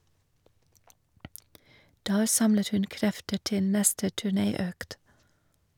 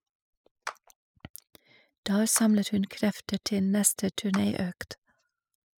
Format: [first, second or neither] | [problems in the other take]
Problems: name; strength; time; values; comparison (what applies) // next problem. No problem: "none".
first | noise reduction (classical method spectral subtraction)